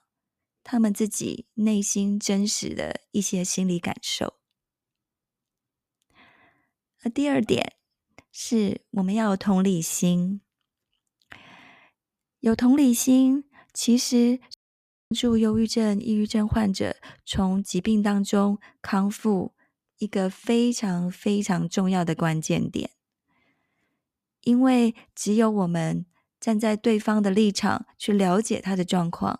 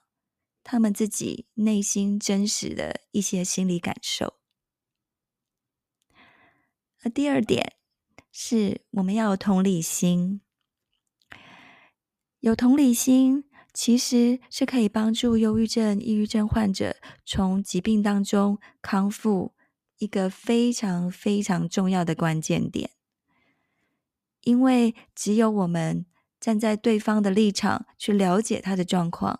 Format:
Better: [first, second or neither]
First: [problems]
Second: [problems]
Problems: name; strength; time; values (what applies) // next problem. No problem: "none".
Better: second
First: audio cutting out; at 15 s for 0.5 s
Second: none